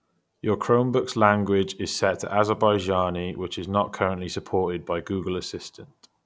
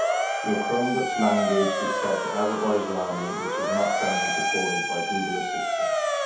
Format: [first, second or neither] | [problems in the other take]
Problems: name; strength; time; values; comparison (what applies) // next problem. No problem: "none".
first | background sound (Motor vehicle (road) / Siren); 2 dB above the speech // room echo; dies away in 0.6 s